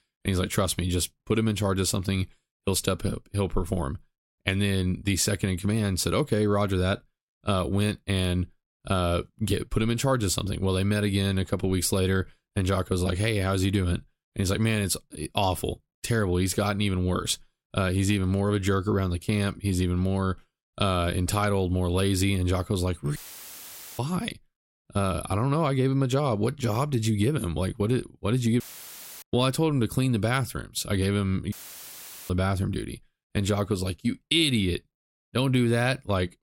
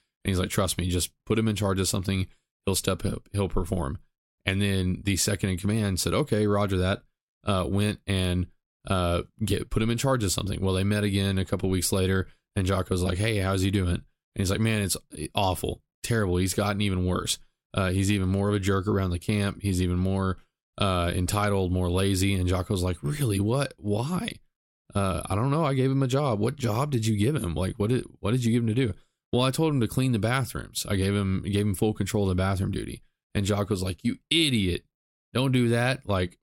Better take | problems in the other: second | audio cutting out; filled with static; at 23 s for 1 s, at 29 s for 0.5 s and at 32 s for 1 s

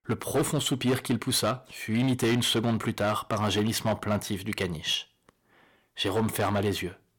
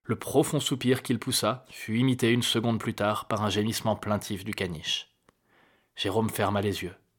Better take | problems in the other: second | distortion; slight; 7% of the sound clipped

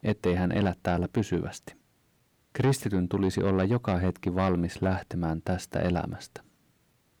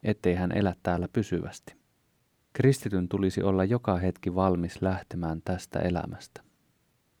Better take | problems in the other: second | distortion; slight; 10 dB below the speech

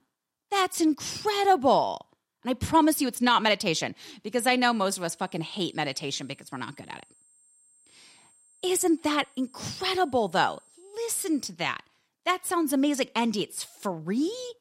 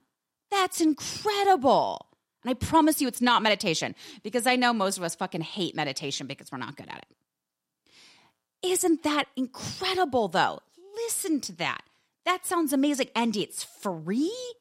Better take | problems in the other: second | high-pitched whine; faint; from 4.5 to 12 s; 8.5 kHz, 30 dB below the speech

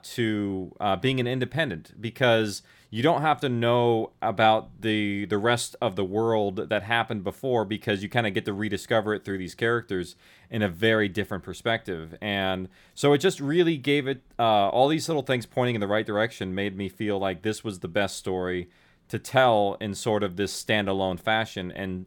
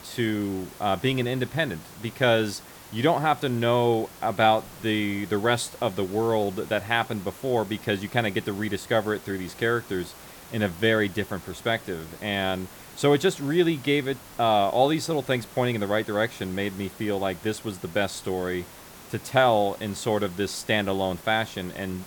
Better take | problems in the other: first | hiss; noticeable; throughout; 20 dB below the speech

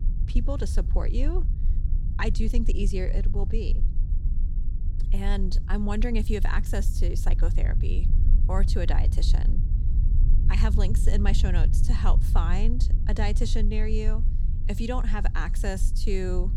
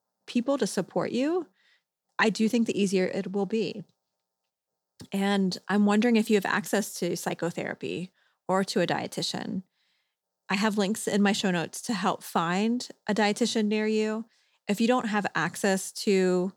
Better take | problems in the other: second | low rumble; noticeable; throughout; 10 dB below the speech

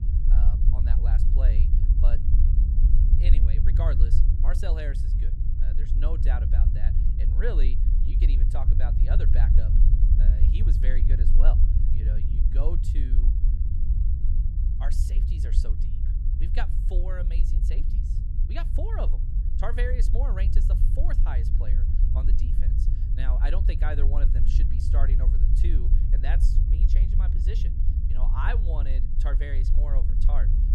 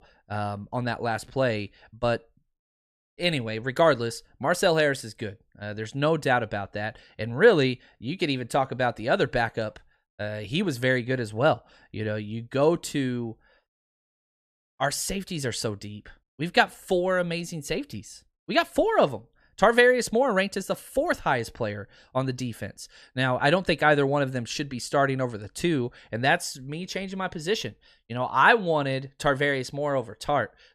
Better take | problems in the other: second | low rumble; loud; throughout; 4 dB below the speech

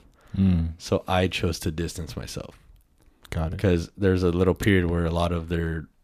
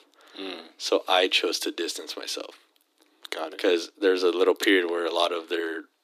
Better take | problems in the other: first | thin; very; fading below 300 Hz

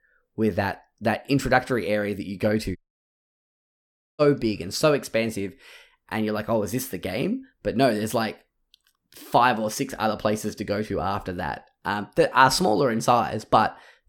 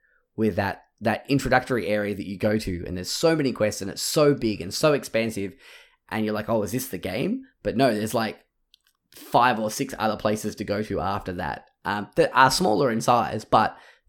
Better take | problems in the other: second | audio cutting out; at 3 s for 1.5 s

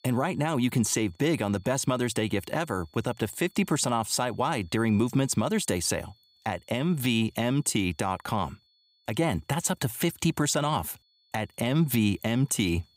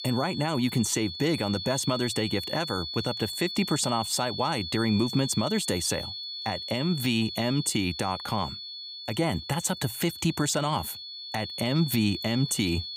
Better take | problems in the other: first | high-pitched whine; loud; throughout; 4.5 kHz, 7 dB below the speech; faint in the first

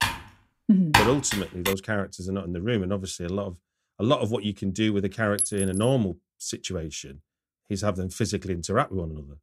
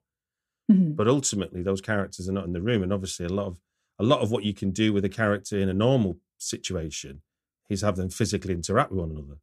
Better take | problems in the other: second | keyboard typing; loud; until 1.5 s; peak 6 dB above the speech // clattering dishes; loud; at 5.5 s; peak level with the speech

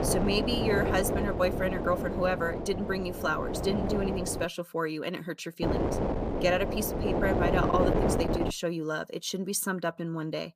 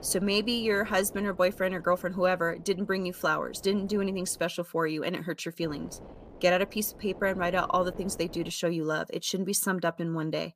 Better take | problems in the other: second | wind noise on the microphone; heavy; until 4.5 s and from 5.5 to 8.5 s; 2 dB below the speech; occasional gusts in the second

